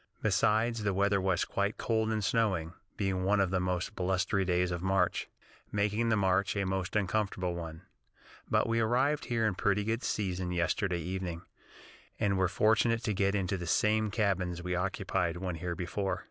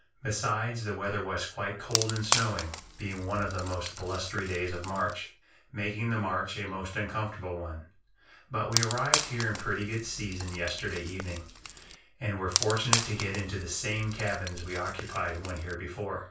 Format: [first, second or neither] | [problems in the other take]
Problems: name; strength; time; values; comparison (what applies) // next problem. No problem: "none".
first | background sound (Wood); 2 dB below the speech // room echo; dies away in 0.3 s